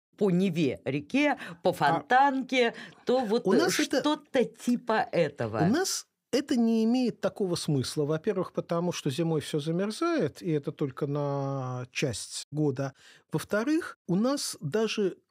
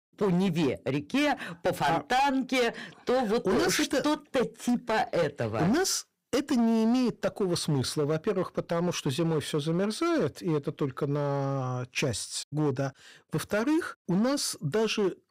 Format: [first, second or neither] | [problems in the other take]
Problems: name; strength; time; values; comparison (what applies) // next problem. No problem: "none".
first | distortion; slight; 13% of the sound clipped